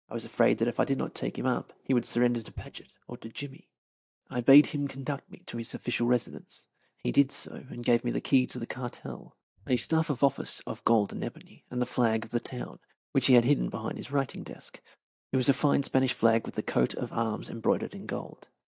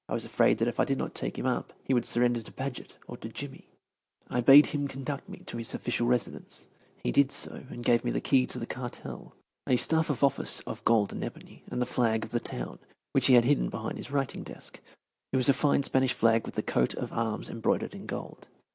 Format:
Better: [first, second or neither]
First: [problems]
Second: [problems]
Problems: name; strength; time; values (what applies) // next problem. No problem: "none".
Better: second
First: noise reduction (neural mask model DeepFilterNet 3)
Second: none